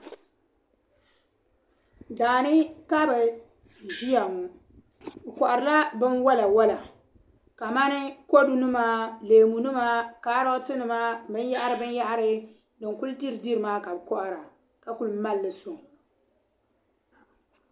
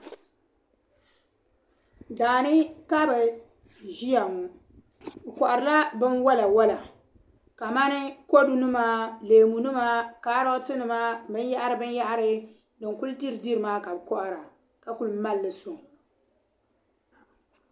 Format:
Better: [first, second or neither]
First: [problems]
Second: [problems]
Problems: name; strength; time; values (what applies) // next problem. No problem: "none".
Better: second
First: background sound (Gong); 15 dB below the speech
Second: none